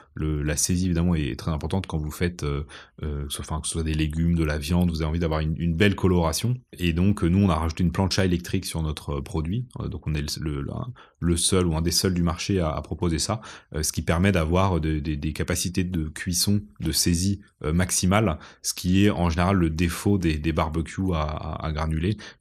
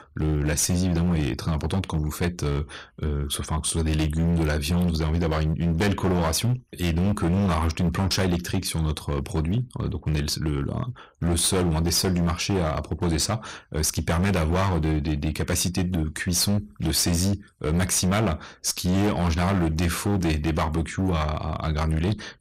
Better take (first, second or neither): first